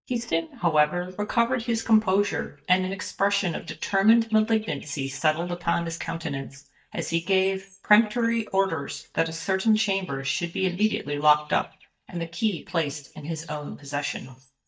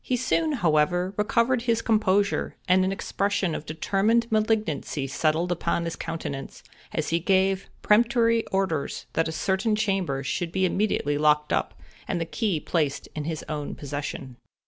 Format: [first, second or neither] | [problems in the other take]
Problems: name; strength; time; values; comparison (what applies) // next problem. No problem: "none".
second | noise reduction (neural mask model DeepFilterNet 3)